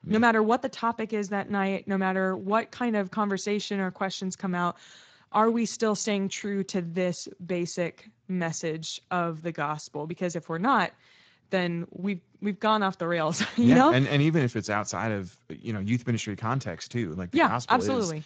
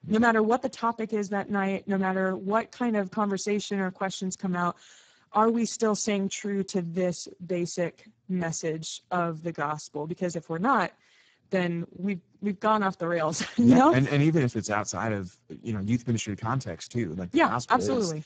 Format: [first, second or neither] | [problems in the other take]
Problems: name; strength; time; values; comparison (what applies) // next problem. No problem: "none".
first | garbled, watery; badly; nothing above 7.5 kHz; slightly in the first